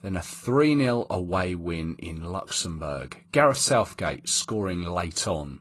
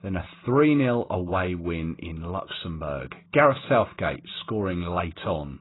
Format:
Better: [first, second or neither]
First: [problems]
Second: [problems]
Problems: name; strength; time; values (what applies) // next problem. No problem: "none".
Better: first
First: garbled, watery; slightly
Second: garbled, watery; badly; nothing above 4 kHz